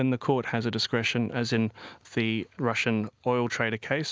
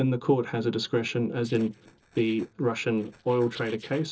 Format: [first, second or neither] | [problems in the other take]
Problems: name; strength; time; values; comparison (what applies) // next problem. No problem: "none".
first | noise reduction (neural separator model SepFormer DNS4)